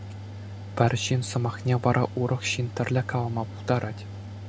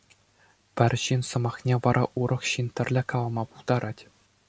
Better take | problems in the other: second | background sound (Mechanical fan); 11 dB below the speech

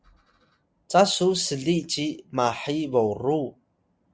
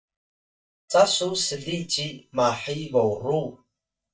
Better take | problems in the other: first | noise reduction (neural mask model DeepFilterNet 3)

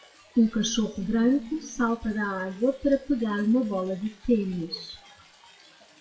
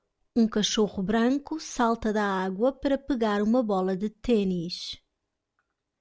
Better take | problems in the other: second | noise reduction (classical method WPE with log-MMSE)

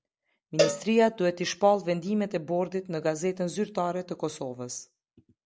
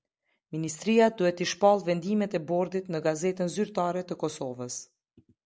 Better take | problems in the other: second | background sound (Cowbell); 4 dB below the speech

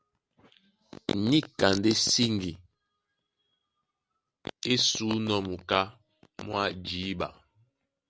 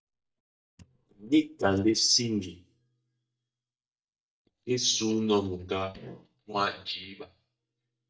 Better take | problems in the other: first | noise reduction (neural mask model DeepFilterNet 3)

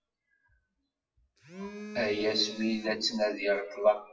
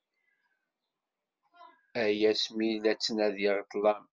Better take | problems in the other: second | noise reduction (classical method WPE with log-MMSE)

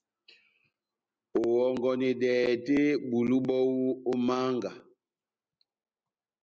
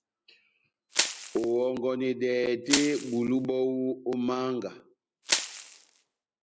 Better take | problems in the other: first | background sound (Crushing); 3 dB below the speech

